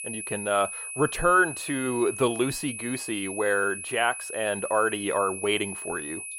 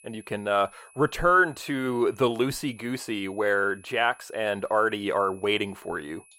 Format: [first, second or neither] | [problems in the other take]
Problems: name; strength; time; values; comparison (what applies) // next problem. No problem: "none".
second | high-pitched whine; loud; throughout; 2.5 kHz, 7 dB below the speech; faint in the second